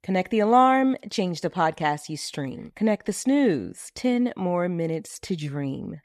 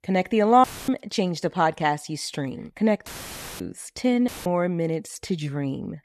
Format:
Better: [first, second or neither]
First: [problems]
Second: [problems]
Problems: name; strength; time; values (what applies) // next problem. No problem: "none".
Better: first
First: none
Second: audio cutting out; filled with static; at 0.5 s, at 3 s for 0.5 s and at 4.5 s